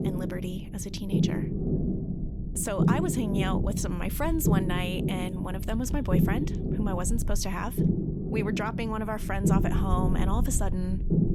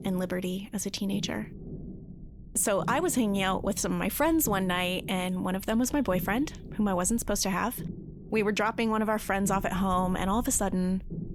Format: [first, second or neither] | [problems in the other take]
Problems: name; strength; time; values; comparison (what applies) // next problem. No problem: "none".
second | low rumble; loud; throughout; 3 dB below the speech; faint in the second